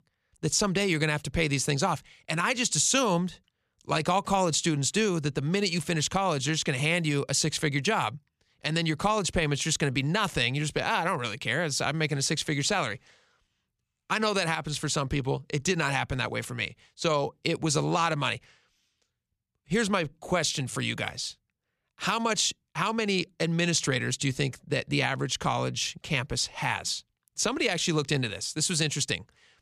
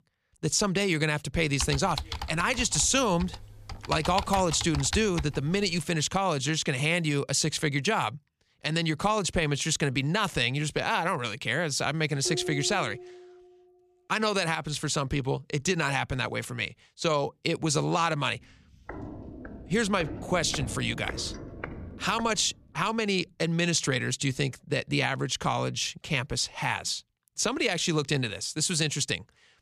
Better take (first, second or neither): first